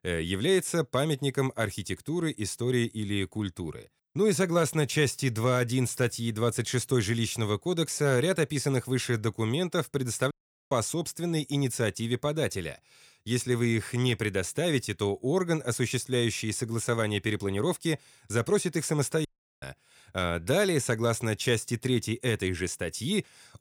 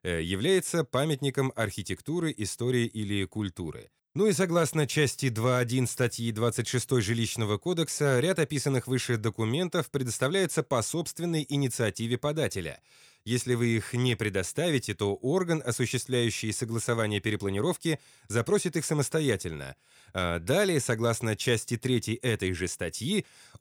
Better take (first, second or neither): second